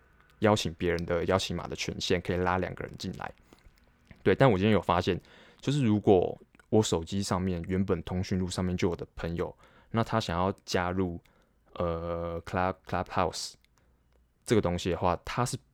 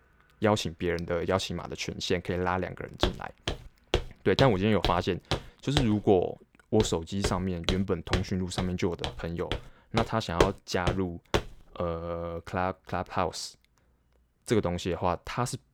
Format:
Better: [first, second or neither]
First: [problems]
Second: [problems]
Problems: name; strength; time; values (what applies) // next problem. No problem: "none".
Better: first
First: none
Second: footsteps; loud; from 3 to 11 s; peak 2 dB above the speech